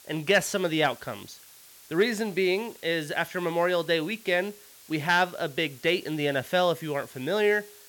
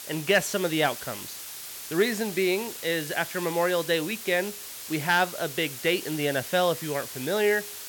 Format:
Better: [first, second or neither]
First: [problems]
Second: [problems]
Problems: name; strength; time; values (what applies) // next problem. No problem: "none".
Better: first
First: hiss; faint; throughout; 20 dB below the speech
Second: hiss; loud; throughout; 10 dB below the speech